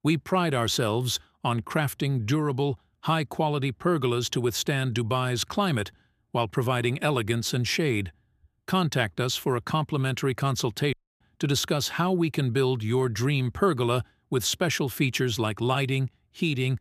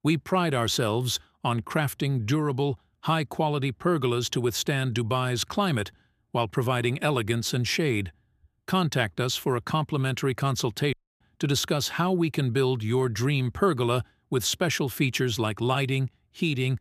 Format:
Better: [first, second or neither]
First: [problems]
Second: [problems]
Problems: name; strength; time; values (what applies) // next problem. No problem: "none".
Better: neither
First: audio cutting out; at 11 s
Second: audio cutting out; at 11 s